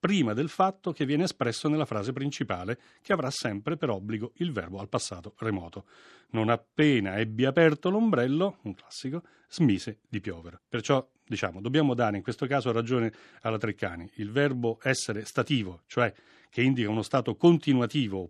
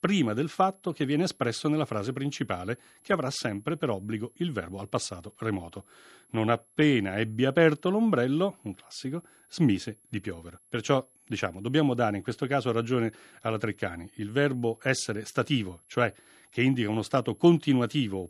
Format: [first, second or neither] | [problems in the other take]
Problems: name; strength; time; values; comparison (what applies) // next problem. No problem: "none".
first | high-pitched whine; faint; throughout; 11 kHz, 30 dB below the speech